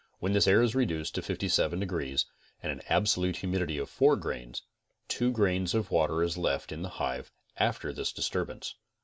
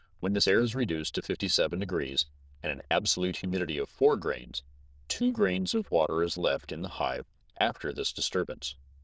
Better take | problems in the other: first | noise reduction (neural diffusion model UNIVERSE++)

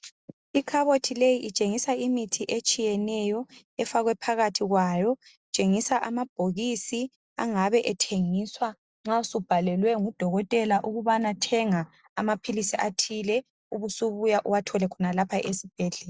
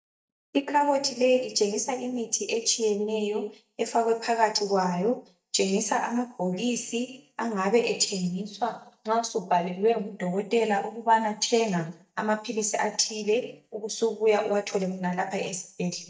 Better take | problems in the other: first | noise reduction (neural mask model DeepFilterNet 3)

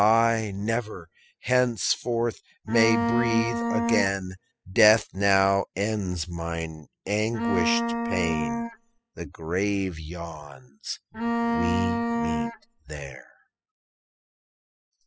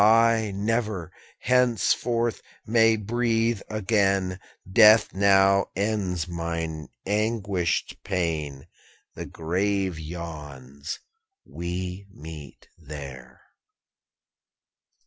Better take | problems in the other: second | noise reduction (classical method spectral subtraction)

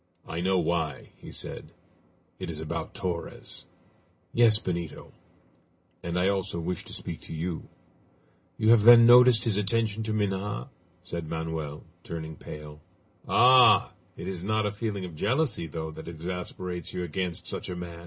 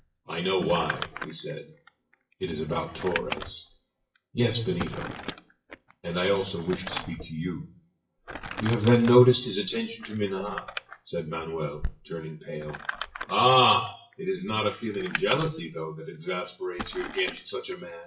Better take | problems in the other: first | noise reduction (classical method WPE with log-MMSE)

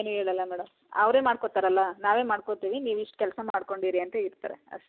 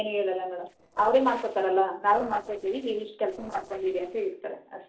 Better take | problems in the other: first | noise reduction (neural separator model SepFormer DNS4)

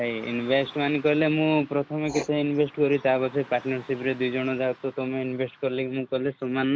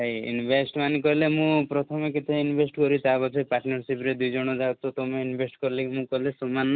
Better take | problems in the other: second | background sound (Writing + Car passing by / Traffic noise, roadway noise); 20 dB below the speech

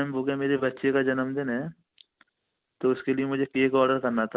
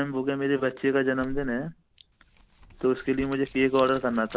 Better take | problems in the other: first | background sound (Crumpling, crinkling); 17 dB below the speech

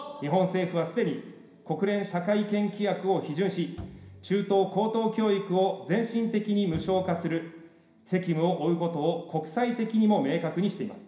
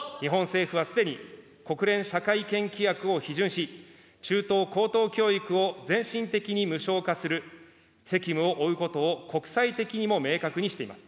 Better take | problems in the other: second | background sound (Bowed string instrument); 19 dB below the speech // room echo; dies away in 0.5 s

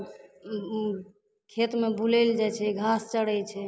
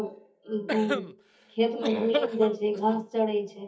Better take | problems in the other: first | noise reduction (neural mask model DeepFilterNet 3)

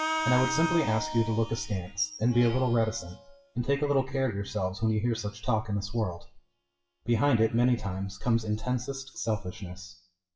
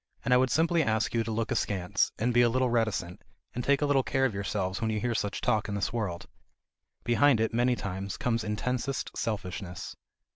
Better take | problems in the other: second | noise reduction (classical method WPE with log-MMSE)

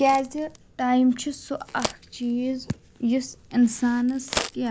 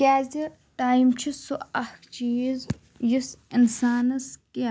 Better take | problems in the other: second | background sound (Crack); 13 dB below the speech

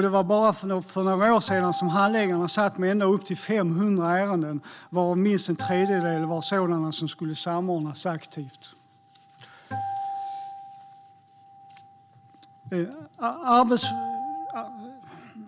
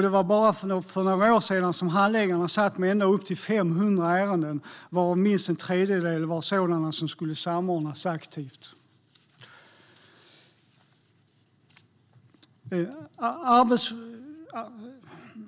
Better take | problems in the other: second | background sound (Acoustic guitar); 12 dB below the speech

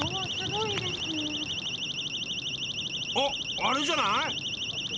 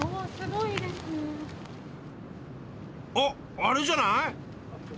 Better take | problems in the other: second | background sound (Siren); as loud as the speech

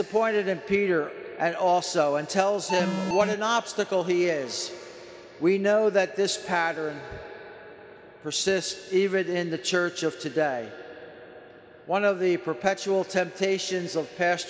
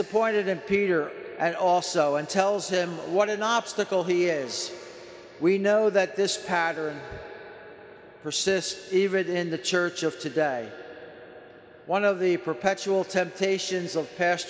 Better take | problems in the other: second | background sound (Alarm); 2 dB below the speech

